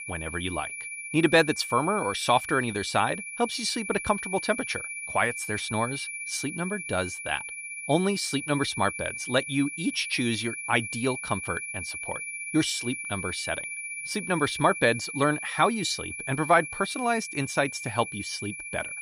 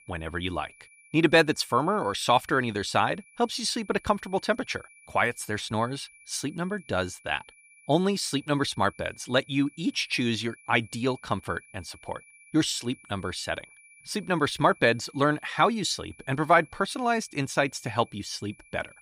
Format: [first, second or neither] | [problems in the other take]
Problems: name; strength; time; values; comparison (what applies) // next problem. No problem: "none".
second | high-pitched whine; loud; throughout; 2.5 kHz, 7 dB below the speech; faint in the second